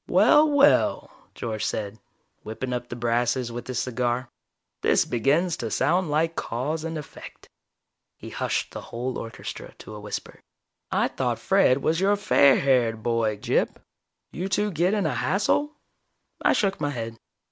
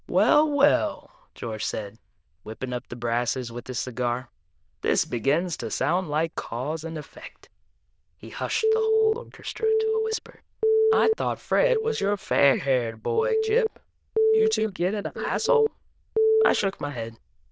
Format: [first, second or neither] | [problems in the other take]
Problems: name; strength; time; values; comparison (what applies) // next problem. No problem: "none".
first | noise reduction (neural diffusion model UNIVERSE++)